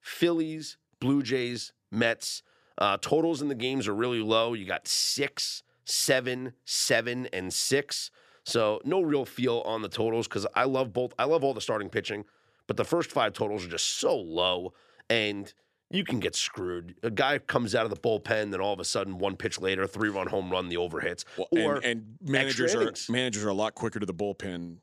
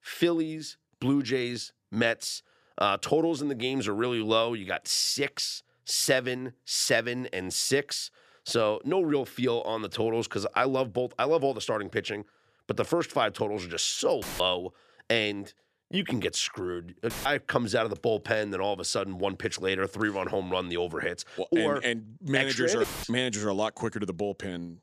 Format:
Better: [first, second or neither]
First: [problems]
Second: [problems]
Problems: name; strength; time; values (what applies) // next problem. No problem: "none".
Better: first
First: none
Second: audio cutting out; filled with static; at 14 s, at 17 s and at 23 s